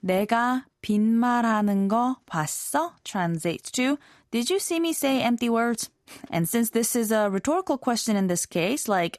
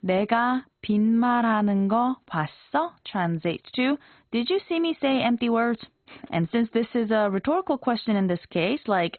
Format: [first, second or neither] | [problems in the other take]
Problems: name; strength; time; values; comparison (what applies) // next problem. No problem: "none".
first | garbled, watery; badly; nothing above 4 kHz